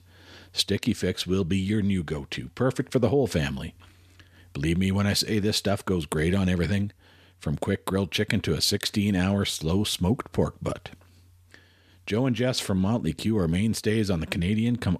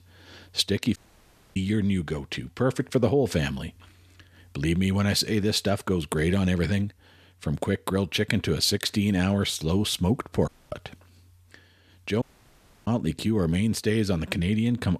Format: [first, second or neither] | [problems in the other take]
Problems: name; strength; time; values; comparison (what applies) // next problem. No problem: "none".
first | audio cutting out; at 1 s for 0.5 s, at 10 s and at 12 s for 0.5 s